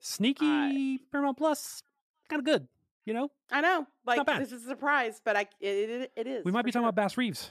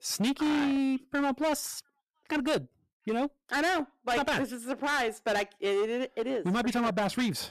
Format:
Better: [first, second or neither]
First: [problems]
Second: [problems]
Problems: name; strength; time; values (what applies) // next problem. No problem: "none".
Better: first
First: none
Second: distortion; heavy; 18% of the sound clipped